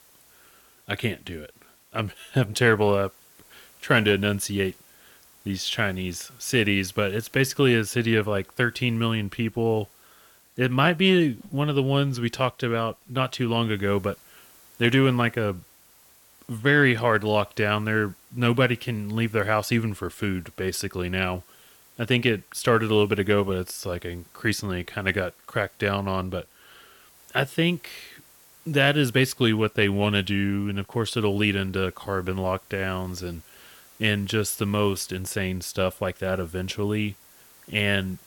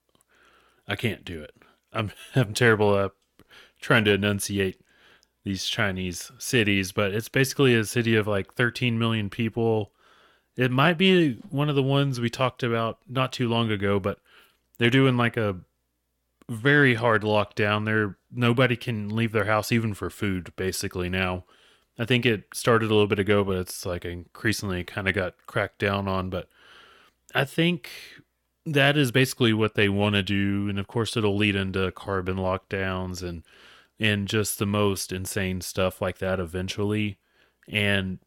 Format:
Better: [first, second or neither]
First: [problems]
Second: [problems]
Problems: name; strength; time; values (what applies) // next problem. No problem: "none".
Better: second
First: hiss; faint; throughout; 25 dB below the speech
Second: none